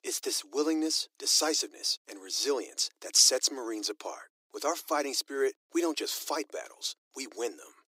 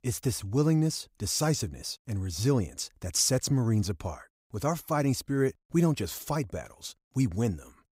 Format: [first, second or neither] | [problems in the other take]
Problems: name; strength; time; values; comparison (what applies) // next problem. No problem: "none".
second | thin; very; fading below 300 Hz